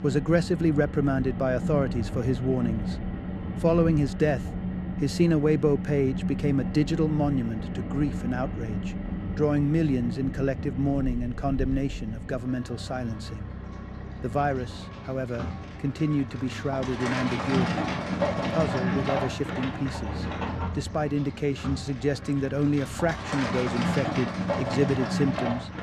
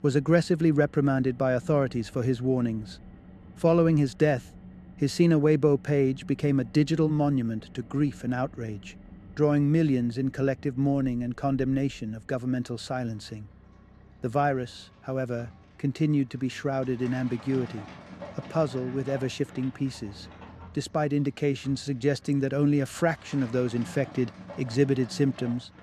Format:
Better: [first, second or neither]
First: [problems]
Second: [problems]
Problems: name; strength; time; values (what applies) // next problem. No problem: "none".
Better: second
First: traffic noise; loud; throughout; 5 dB below the speech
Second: traffic noise; faint; throughout; 20 dB below the speech